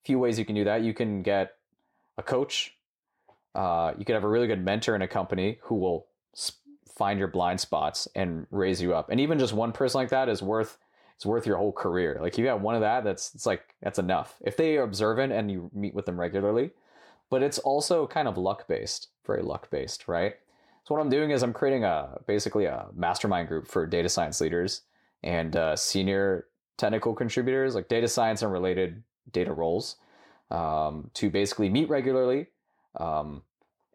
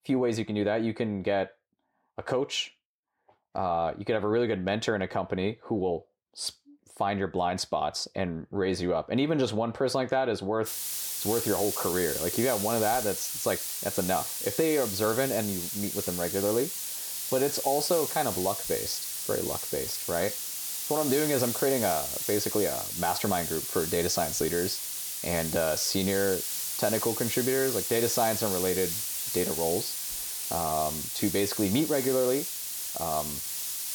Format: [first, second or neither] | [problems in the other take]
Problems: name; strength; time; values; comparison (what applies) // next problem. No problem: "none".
first | hiss; loud; from 11 s on; 2 dB below the speech